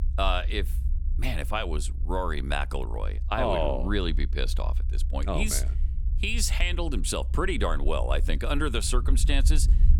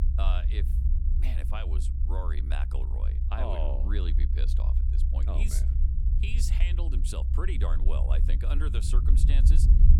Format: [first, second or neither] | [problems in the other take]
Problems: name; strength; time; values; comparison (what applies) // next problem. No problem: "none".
first | low rumble; loud; throughout; 6 dB below the speech; faint in the first